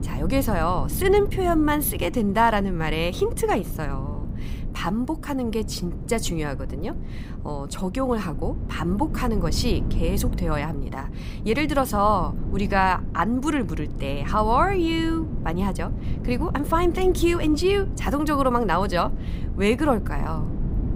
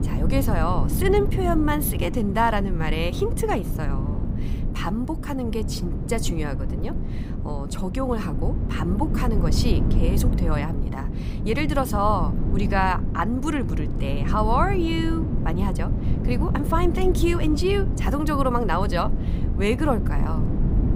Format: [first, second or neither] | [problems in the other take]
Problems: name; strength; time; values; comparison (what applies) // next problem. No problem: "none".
first | wind noise on the microphone; heavy; 10 dB below the speech; occasional gusts in the first